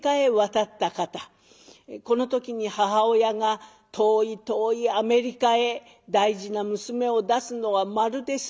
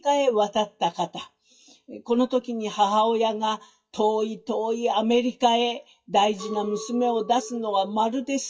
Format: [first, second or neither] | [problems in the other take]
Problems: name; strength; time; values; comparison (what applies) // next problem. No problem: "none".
first | noise reduction (classical method WPE with log-MMSE)